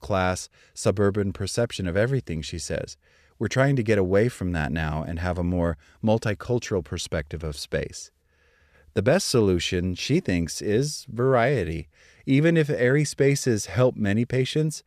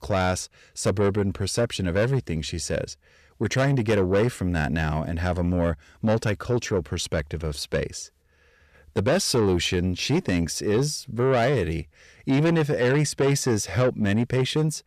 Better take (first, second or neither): first